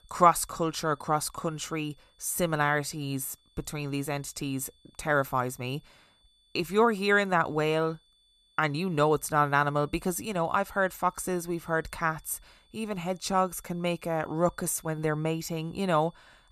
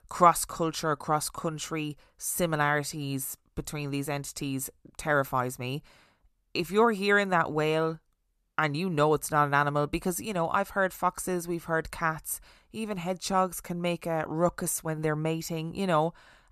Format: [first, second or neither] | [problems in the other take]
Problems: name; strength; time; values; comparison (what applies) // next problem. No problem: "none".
second | high-pitched whine; faint; throughout; 3.5 kHz, 35 dB below the speech